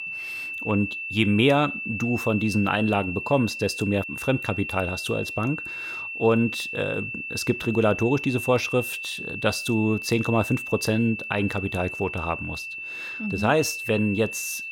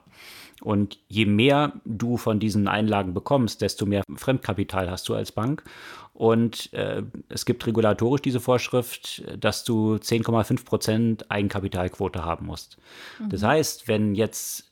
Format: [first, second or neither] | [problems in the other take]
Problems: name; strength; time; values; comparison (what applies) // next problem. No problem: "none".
second | high-pitched whine; loud; throughout; 2.5 kHz, 6 dB below the speech